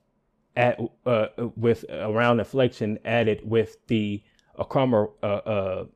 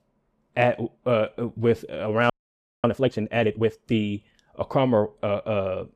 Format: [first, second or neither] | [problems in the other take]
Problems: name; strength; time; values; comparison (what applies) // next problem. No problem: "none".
first | audio freezing; at 2.5 s for 0.5 s